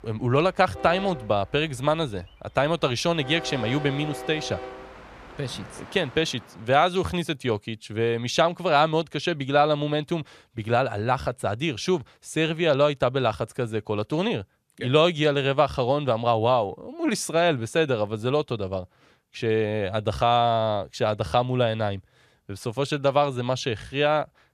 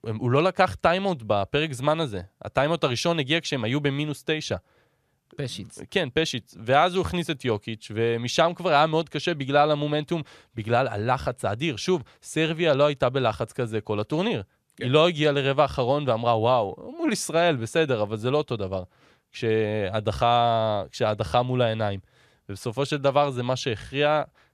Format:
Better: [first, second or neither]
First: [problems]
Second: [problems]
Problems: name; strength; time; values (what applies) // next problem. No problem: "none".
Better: second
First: train or aircraft noise; noticeable; until 6.5 s; 15 dB below the speech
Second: none